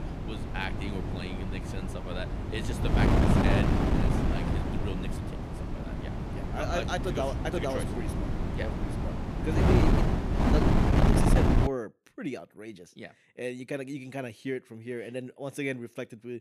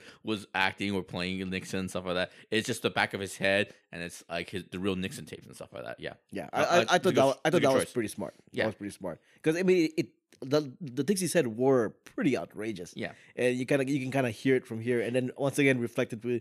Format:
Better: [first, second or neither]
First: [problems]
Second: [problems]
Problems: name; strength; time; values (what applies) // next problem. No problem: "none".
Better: second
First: wind noise on the microphone; heavy; until 12 s; 3 dB above the speech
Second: none